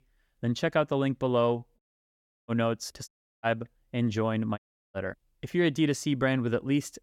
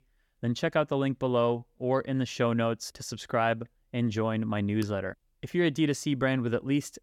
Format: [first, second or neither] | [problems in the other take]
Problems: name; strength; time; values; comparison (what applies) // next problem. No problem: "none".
second | audio cutting out; at 2 s for 0.5 s, at 3 s and at 4.5 s